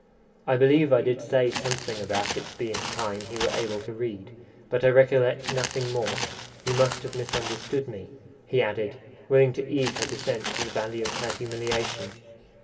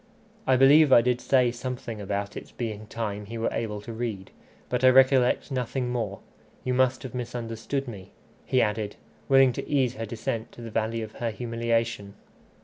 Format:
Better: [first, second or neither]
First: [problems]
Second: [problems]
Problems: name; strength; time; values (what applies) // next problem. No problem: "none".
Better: second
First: background sound (Walk, footsteps); 7 dB below the speech // room echo; dies away in 2.3 s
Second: none